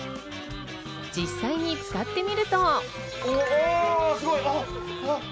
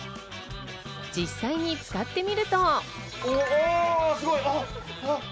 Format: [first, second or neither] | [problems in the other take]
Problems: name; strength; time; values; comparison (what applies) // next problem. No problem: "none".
second | background sound (Wind instrument, woodwind instrument); 11 dB below the speech